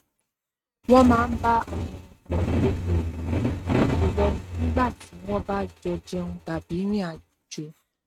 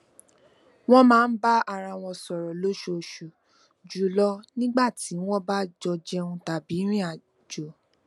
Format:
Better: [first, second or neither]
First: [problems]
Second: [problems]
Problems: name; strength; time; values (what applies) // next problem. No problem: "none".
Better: second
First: noise reduction (neural mask model RNNoise)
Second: none